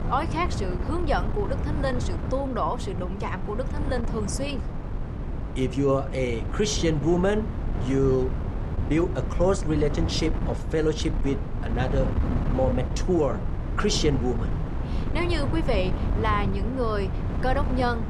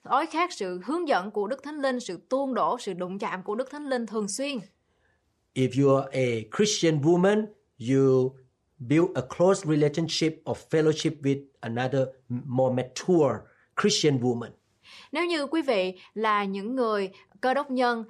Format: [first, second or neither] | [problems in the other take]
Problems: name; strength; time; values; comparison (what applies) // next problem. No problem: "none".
second | wind noise on the microphone; heavy; 9 dB below the speech